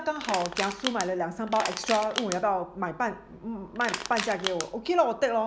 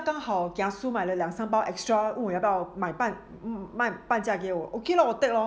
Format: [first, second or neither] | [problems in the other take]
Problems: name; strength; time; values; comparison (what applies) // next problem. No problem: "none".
second | background sound (Crushing); 7 dB below the speech